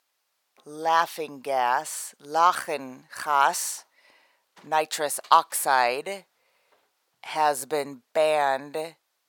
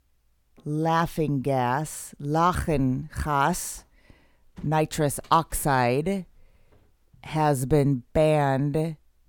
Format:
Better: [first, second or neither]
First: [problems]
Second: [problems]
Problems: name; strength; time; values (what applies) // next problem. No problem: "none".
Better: second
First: thin; very; fading below 750 Hz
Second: none